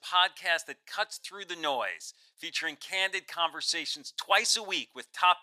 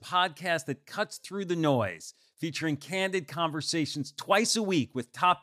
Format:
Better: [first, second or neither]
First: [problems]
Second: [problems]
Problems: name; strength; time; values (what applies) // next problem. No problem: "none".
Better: second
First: thin; very; fading below 750 Hz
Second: none